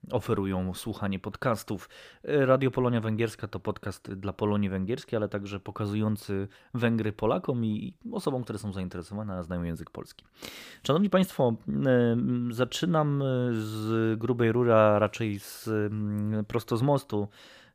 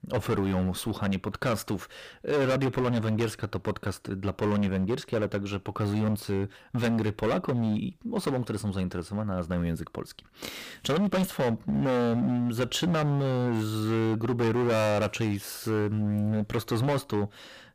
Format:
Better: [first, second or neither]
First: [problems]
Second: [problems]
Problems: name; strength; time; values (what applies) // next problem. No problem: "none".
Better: first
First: none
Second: distortion; heavy; 16% of the sound clipped